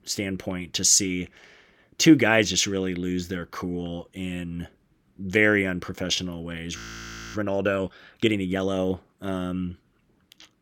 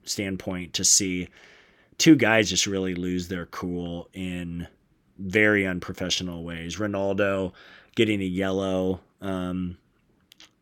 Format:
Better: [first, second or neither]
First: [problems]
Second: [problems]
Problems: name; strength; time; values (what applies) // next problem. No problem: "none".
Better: second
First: audio freezing; at 7 s for 0.5 s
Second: none